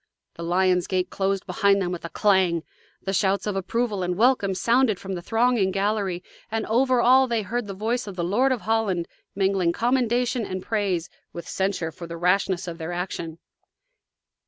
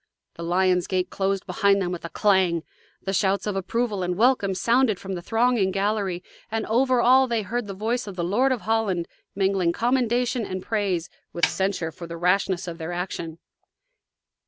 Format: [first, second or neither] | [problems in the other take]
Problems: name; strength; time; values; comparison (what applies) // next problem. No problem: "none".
first | background sound (Snare drum); 8 dB below the speech